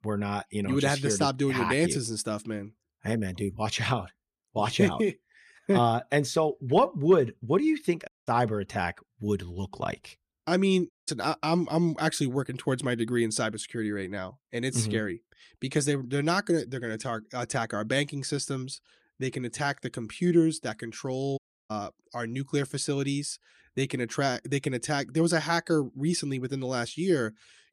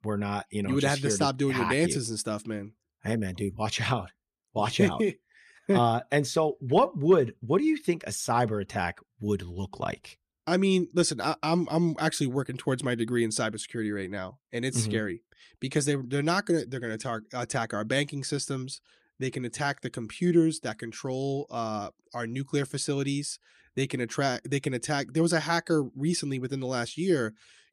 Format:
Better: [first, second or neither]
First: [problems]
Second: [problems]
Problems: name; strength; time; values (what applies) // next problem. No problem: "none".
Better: second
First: audio cutting out; at 8 s, at 11 s and at 21 s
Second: none